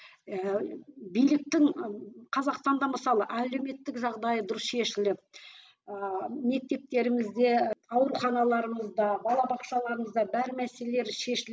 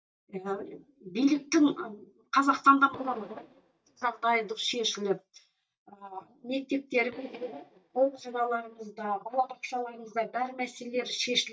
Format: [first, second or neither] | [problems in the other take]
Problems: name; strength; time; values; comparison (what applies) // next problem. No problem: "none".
first | noise reduction (neural mask model DeepFilterNet 3)